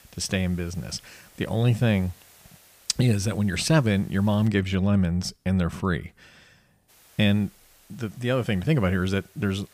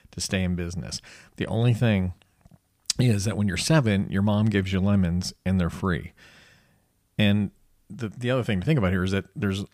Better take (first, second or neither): second